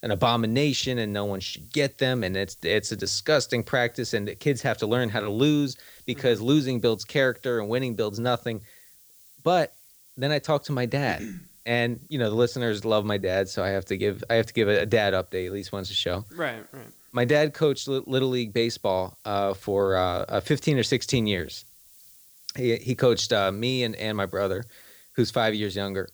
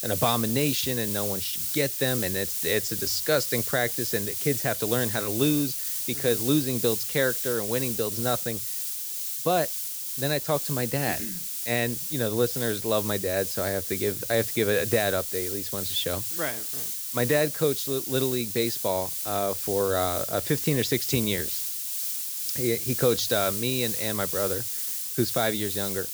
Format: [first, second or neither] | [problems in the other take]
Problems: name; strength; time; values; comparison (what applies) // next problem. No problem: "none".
first | hiss; loud; throughout; 1 dB below the speech; faint in the first